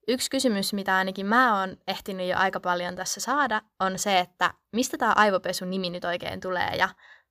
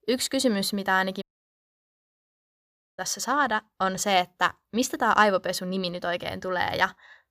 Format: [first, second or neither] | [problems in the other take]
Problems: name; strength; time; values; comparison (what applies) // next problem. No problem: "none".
first | audio cutting out; at 1 s for 2 s